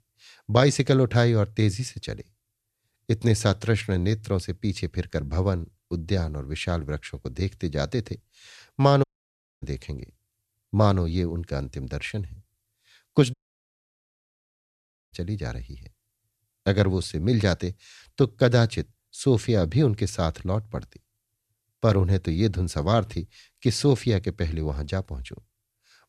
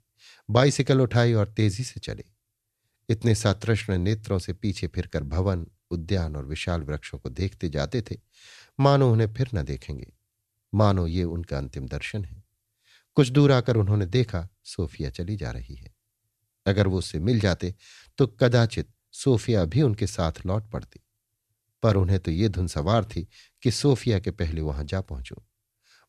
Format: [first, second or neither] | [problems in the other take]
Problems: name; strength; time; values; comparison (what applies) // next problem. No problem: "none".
second | audio cutting out; at 9 s for 0.5 s and at 13 s for 2 s